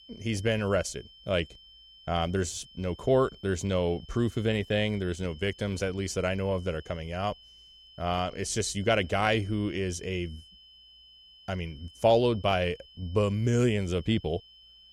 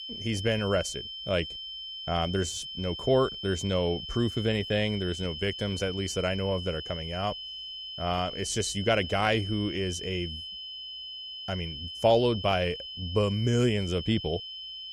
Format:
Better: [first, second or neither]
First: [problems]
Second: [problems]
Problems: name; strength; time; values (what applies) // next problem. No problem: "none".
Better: first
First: high-pitched whine; faint; throughout; 3 kHz, 20 dB below the speech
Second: high-pitched whine; loud; throughout; 3 kHz, 8 dB below the speech